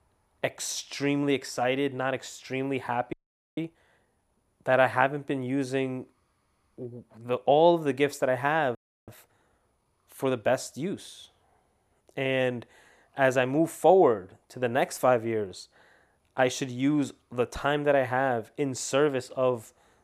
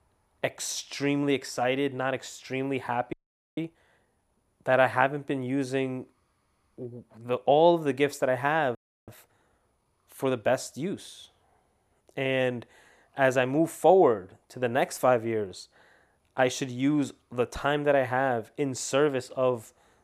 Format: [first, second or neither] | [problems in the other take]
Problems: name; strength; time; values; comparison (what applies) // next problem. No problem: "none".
neither | audio freezing; at 3 s and at 9 s; the same in both